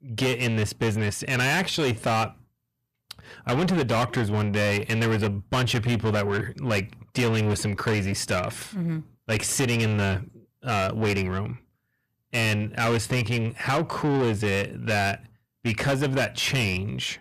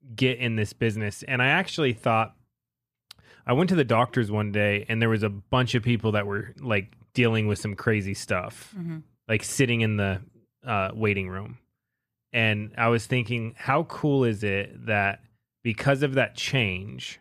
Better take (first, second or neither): second